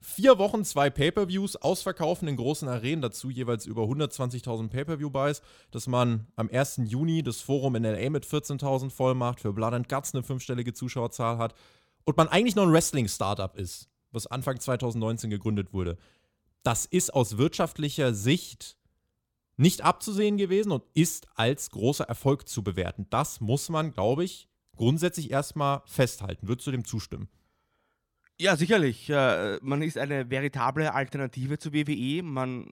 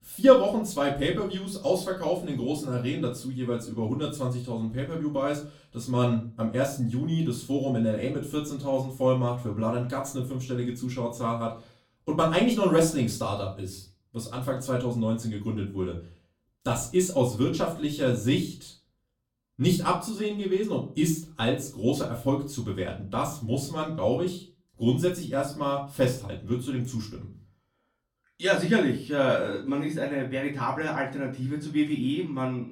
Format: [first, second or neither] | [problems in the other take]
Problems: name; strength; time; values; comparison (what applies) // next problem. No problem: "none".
first | off-mic speech; far // room echo; very slight; dies away in 0.3 s